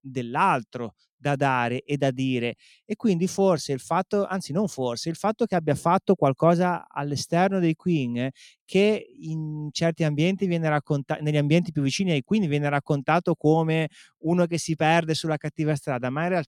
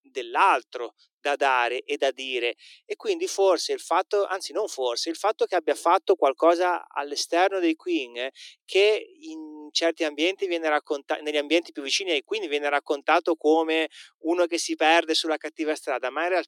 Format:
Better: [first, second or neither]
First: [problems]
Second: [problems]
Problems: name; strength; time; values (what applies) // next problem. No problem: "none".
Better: first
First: none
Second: thin; very; fading below 300 Hz